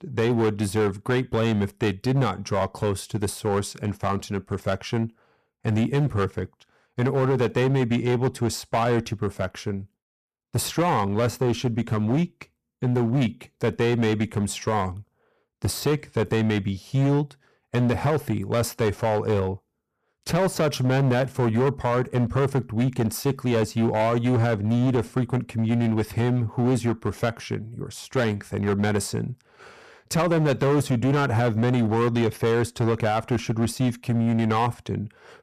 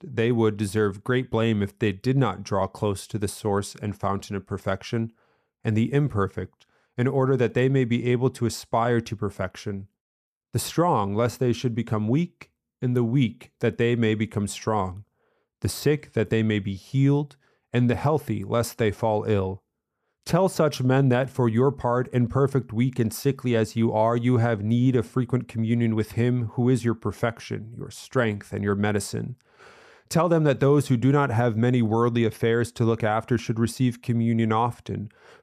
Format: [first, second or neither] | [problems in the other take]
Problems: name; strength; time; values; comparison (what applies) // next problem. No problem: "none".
second | distortion; slight; 12% of the sound clipped